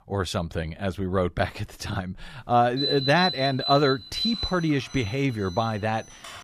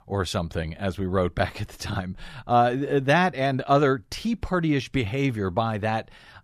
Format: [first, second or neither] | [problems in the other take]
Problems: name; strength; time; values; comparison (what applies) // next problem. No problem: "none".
second | alarm; noticeable; from 3 s on; peak 1 dB below the speech